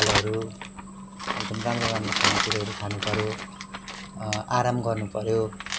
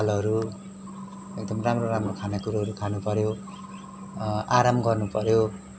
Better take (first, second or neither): second